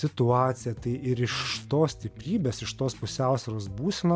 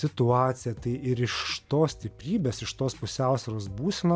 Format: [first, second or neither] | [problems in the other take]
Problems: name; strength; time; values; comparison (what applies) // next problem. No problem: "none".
second | background sound (Electric guitar + Domestic sounds, home sounds); 19 dB below the speech